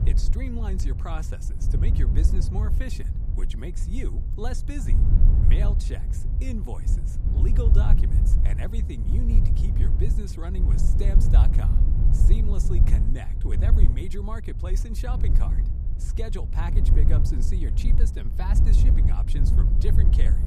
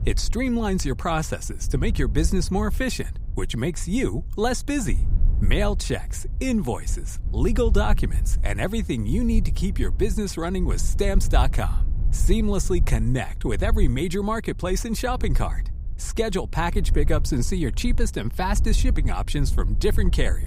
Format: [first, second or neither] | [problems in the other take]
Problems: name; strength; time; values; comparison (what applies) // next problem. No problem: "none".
second | wind noise on the microphone; heavy; 1 dB below the speech; occasional gusts in the second